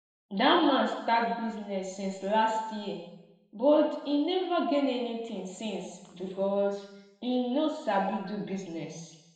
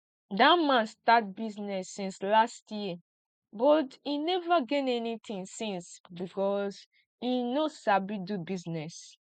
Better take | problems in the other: second | room echo; dies away in 1 s

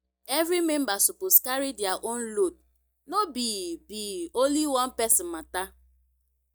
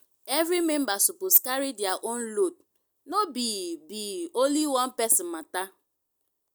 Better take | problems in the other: second | noise reduction (neural mask model DeepFilterNet 3)

